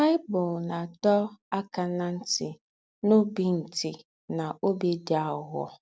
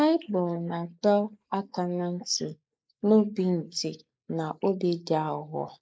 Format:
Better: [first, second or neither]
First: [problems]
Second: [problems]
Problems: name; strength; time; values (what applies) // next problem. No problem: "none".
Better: first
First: none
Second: noise reduction (neural mask model Resemble Enhance denoiser)